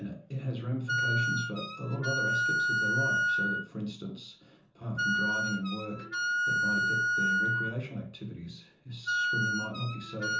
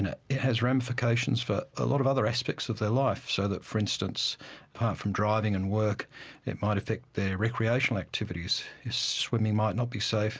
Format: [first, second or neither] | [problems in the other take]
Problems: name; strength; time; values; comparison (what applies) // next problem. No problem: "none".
second | background sound (Wind instrument, woodwind instrument); 5 dB above the speech // room echo; dies away in 0.6 s